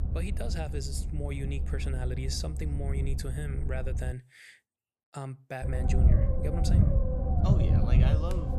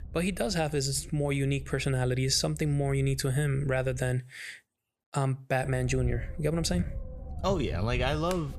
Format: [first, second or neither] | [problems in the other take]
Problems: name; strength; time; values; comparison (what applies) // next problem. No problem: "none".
second | low rumble; loud; until 4 s and from 5.5 s on; as loud as the speech; faint in the second